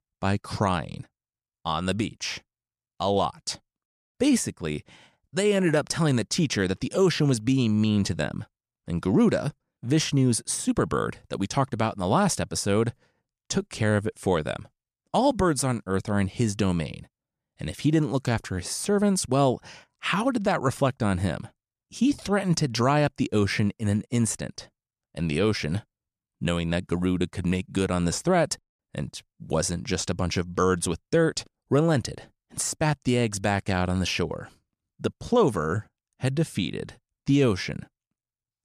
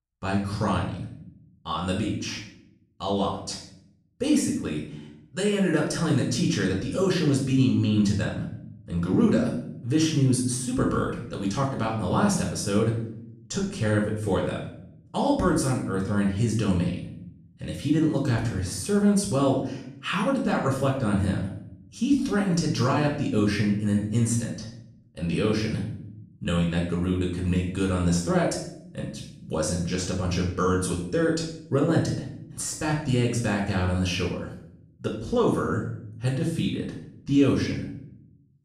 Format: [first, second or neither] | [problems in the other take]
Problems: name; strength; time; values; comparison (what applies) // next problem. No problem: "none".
first | off-mic speech; far // room echo; noticeable; dies away in 0.6 s